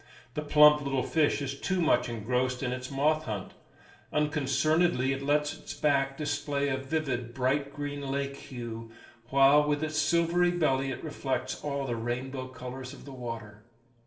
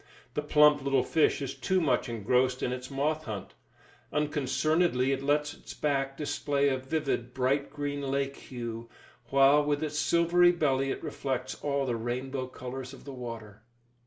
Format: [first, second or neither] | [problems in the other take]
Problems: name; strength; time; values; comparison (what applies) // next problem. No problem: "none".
second | room echo; dies away in 0.7 s